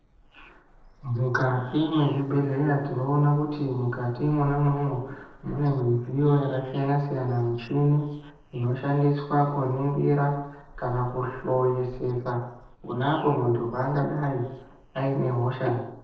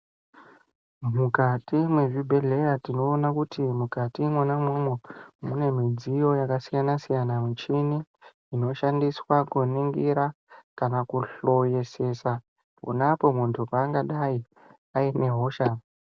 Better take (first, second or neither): second